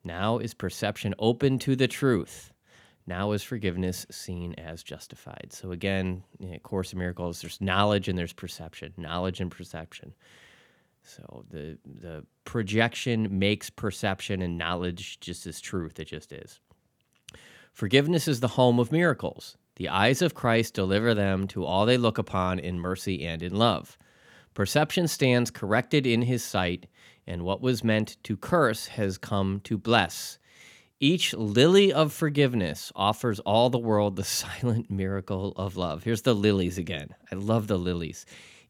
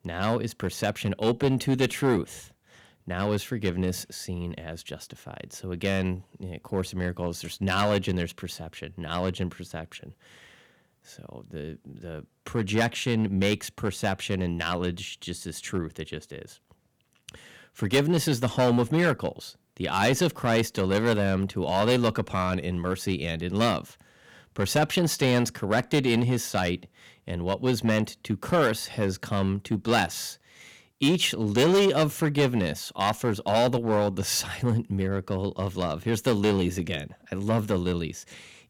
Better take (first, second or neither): first